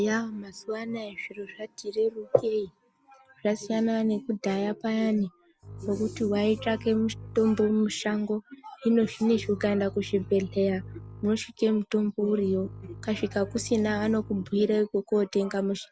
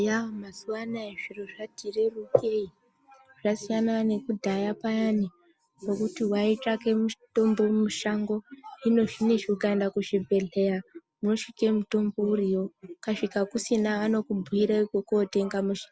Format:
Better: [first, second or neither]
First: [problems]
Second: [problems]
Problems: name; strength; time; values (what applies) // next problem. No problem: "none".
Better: second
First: background sound (Bowed string instrument); 17 dB below the speech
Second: none